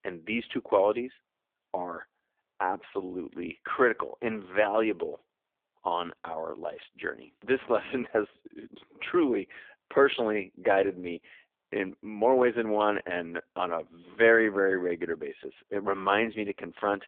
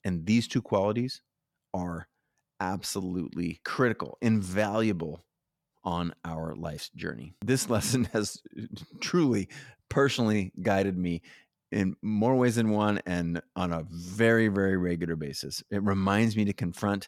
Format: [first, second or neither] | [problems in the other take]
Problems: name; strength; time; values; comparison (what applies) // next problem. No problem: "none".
second | phone-call audio; poor line